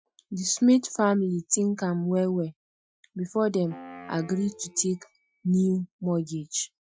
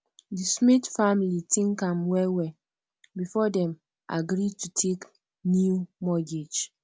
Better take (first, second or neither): second